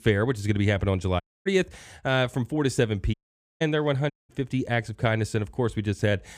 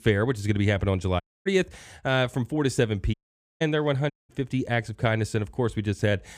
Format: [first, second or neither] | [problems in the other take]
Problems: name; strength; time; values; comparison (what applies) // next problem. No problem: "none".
neither | audio cutting out; at 1 s, at 3 s and at 4 s; the same in both